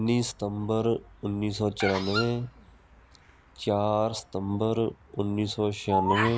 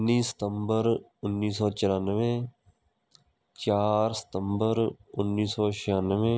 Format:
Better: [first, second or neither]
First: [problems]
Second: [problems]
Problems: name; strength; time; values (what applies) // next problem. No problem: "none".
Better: second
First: background sound (Bird vocalization, bird call, bird song); 8 dB below the speech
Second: none